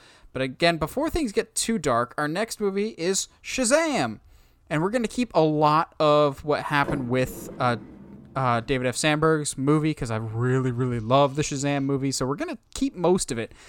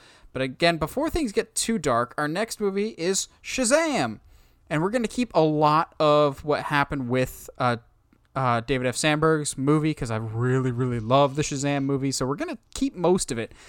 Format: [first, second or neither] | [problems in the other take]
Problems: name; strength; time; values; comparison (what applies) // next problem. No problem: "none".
second | door banging; noticeable; from 7 to 8.5 s; peak 10 dB below the speech